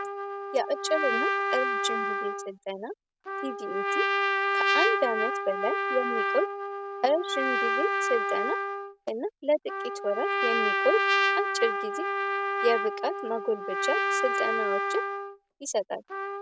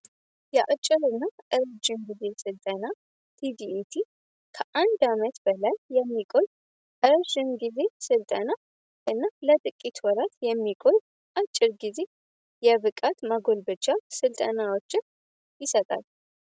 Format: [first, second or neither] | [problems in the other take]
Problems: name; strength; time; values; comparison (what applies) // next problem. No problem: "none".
second | background sound (Trumpet); 2 dB above the speech